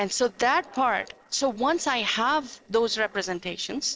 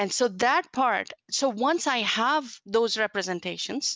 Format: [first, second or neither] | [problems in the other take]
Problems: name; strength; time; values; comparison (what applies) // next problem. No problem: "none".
second | noise reduction (neural separator model SepFormer DNS4)